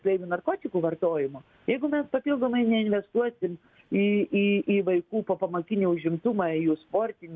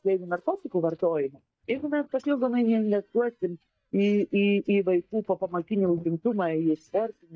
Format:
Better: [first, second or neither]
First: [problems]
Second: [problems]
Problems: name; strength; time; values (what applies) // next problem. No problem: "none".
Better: first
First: none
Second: noise reduction (neural mask model DeepFilterNet 3)